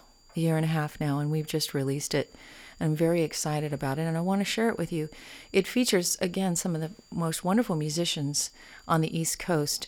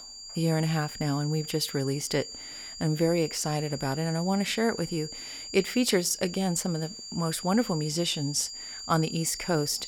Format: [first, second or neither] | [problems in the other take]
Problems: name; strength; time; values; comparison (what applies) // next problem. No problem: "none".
first | high-pitched whine; loud; throughout; 4.5 kHz, 10 dB below the speech; faint in the first